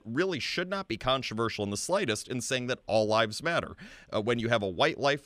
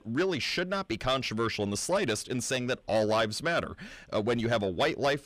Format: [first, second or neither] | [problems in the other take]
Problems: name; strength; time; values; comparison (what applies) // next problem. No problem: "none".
first | distortion; slight; 10 dB below the speech